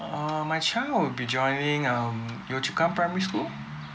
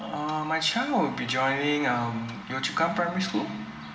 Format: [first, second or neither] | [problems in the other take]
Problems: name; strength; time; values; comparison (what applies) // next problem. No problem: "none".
first | room echo; dies away in 1 s